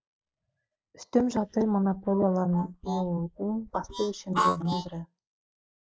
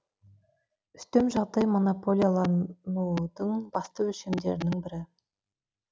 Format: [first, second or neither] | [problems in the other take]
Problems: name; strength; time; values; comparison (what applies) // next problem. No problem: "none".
second | noise reduction (neural mask model Resemble Enhance denoiser)